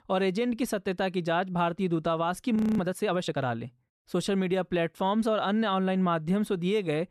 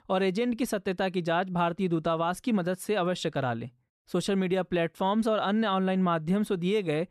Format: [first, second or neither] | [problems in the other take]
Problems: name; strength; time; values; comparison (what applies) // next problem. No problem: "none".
second | audio freezing; at 2.5 s